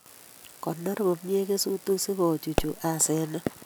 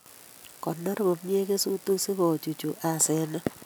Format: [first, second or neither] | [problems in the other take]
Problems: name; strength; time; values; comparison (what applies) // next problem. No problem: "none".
second | background sound (Explosion); 7 dB below the speech